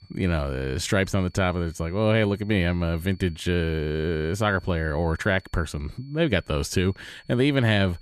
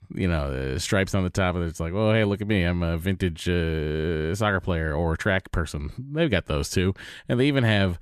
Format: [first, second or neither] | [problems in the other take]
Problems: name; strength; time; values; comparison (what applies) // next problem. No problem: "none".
second | high-pitched whine; faint; throughout; 4.5 kHz, 30 dB below the speech